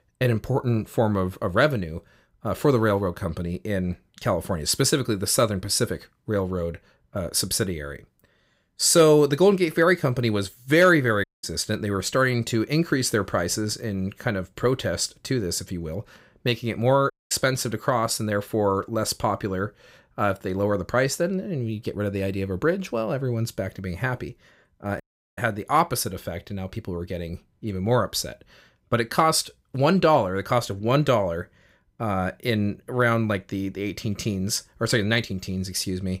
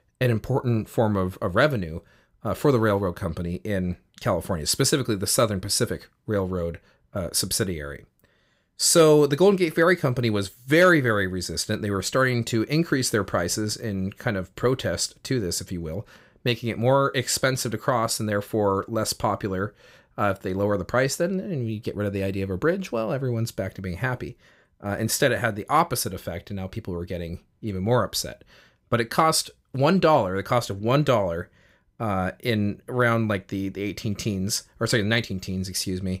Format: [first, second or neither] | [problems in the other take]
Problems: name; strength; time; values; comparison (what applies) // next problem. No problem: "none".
second | audio cutting out; at 11 s, at 17 s and at 25 s